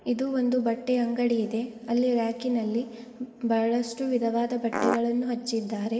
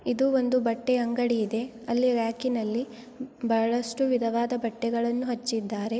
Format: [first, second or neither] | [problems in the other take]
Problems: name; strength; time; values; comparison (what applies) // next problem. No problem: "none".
second | background sound (Fart); as loud as the speech // room echo; dies away in 1.8 s